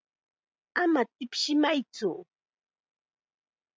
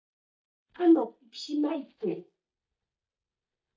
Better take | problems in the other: first | noise reduction (neural mask model DeepFilterNet 3)

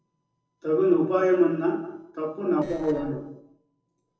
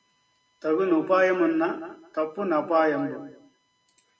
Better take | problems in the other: second | noise reduction (neural separator model SepFormer DNS4)

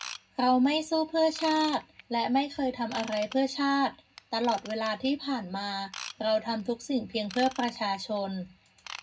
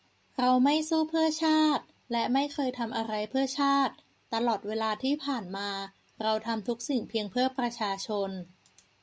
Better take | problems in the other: second | background sound (Ratchet, pawl / Tools); 18 dB below the speech // room echo; dies away in 0.3 s

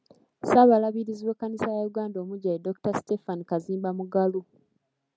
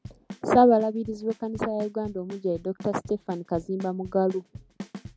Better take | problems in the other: first | background sound (Bass drum / Snare drum / Drum kit); 17 dB below the speech

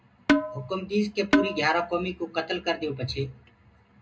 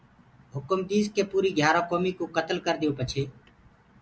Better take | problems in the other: second | background sound (Percussion); 4 dB above the speech // room echo; dies away in 0.2 s

